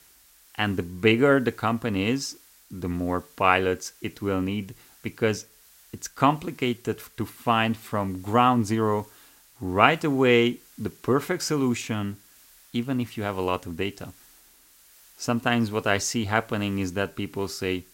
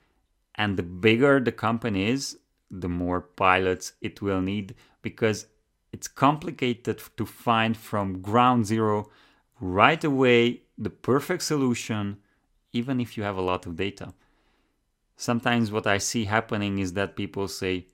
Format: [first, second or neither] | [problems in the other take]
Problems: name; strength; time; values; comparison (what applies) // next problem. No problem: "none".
second | hiss; faint; throughout; 25 dB below the speech